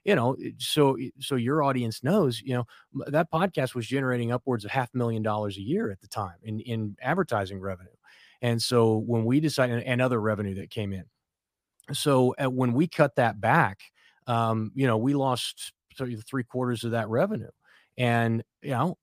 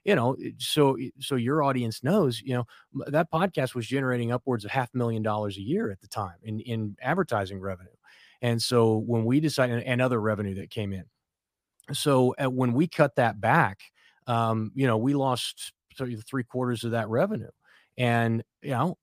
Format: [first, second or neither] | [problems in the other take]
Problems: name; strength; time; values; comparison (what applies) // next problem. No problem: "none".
neither | none